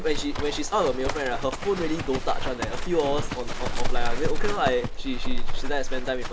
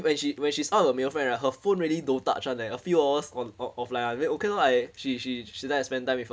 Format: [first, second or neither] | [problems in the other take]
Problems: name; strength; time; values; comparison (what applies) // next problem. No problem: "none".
second | background sound (Livestock, farm animals, working animals); 4 dB above the speech